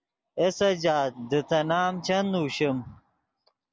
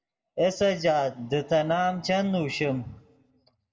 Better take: first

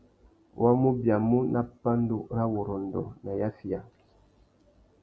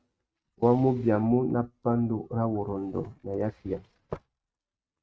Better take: first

